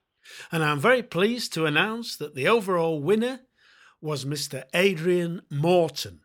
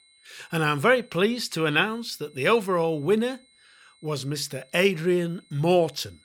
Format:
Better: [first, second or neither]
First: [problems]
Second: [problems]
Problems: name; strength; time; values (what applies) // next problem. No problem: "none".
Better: first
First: none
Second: high-pitched whine; faint; throughout; 4 kHz, 30 dB below the speech